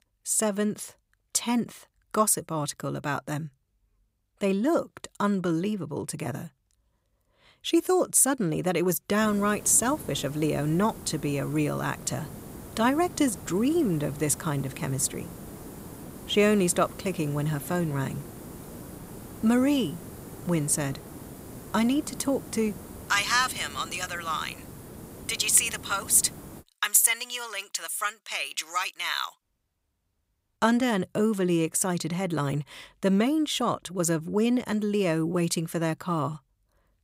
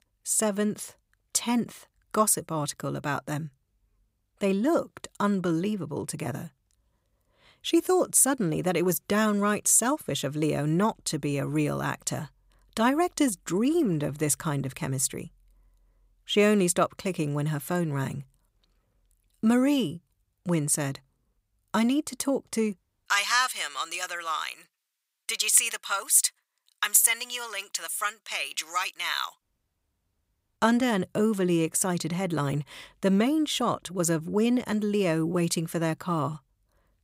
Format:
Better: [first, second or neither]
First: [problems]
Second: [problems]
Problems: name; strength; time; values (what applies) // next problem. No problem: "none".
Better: second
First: hiss; noticeable; from 9 to 27 s; 15 dB below the speech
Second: none